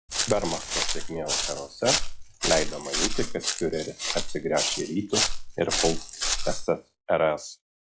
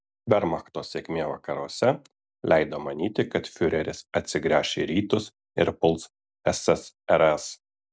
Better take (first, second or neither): second